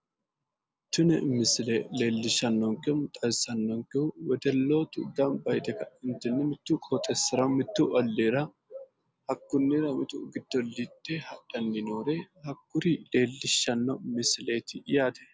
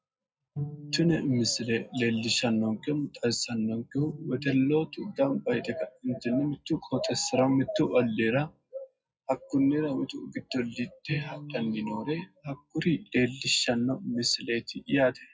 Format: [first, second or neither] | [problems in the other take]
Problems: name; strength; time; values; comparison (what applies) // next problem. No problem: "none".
first | noise reduction (classical method WPE with log-MMSE)